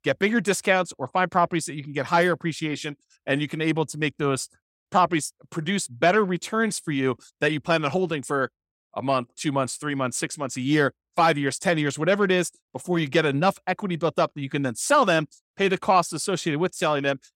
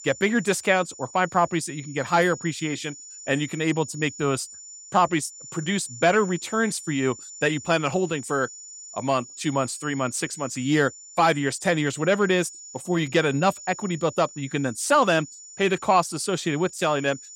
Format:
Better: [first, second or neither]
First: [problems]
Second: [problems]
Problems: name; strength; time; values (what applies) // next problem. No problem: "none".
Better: first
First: none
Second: high-pitched whine; noticeable; throughout; 7 kHz, 15 dB below the speech